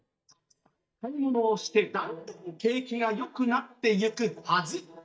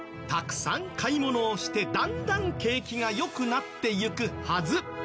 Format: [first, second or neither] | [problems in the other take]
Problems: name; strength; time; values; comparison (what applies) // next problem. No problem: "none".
second | noise reduction (neural mask model DeepFilterNet 3)